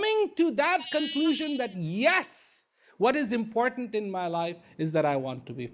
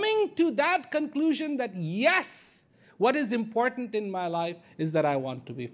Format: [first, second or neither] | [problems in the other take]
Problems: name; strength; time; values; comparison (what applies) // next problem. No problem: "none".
second | noise reduction (neural mask model Resemble Enhance denoiser)